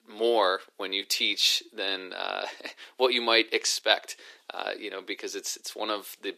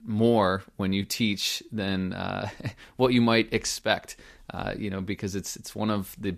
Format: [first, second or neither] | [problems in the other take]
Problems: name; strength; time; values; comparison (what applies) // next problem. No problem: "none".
second | thin; very; fading below 350 Hz